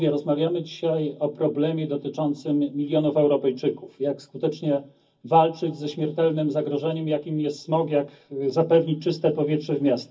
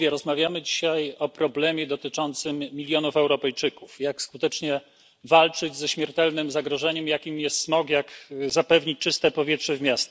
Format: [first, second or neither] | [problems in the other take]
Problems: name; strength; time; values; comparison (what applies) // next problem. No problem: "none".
second | room echo; dies away in 0.4 s